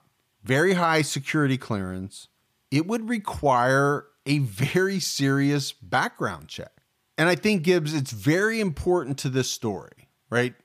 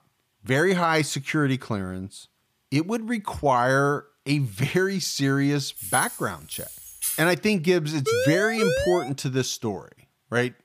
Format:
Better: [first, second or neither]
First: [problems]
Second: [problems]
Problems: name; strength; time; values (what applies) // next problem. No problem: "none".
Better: first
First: none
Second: jangling keys; noticeable; from 6 to 7.5 s; peak 3 dB below the speech // siren; loud; from 8 to 9 s; peak level with the speech